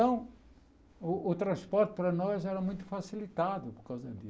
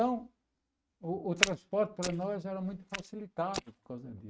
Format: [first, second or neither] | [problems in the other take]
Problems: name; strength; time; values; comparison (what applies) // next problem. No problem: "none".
first | noise reduction (neural mask model RNNoise)